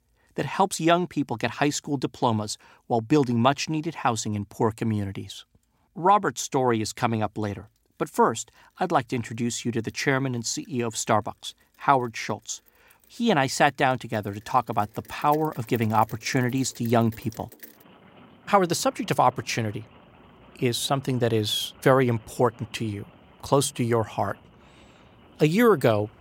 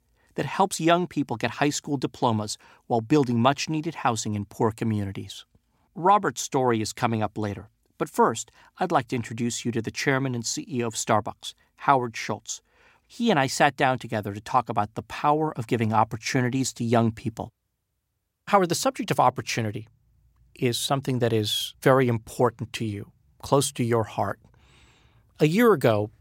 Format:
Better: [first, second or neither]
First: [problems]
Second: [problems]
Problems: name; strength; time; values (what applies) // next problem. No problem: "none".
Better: second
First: rain or running water; faint; throughout; 25 dB below the speech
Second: none